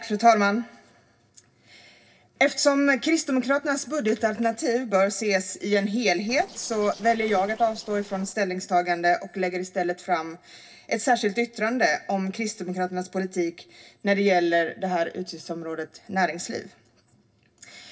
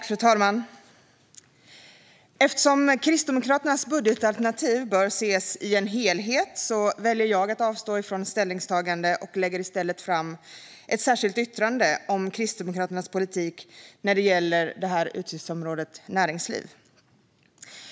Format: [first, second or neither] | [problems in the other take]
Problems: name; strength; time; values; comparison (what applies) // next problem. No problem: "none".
second | noise reduction (neural separator model SepFormer DNS4)